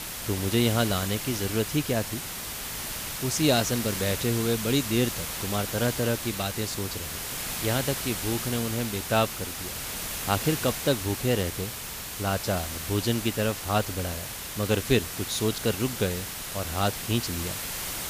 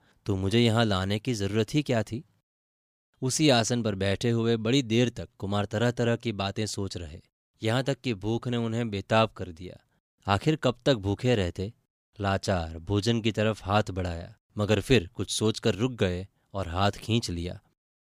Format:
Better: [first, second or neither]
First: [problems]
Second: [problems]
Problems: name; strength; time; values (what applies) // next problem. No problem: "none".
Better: second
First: hiss; loud; throughout; 4 dB below the speech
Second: none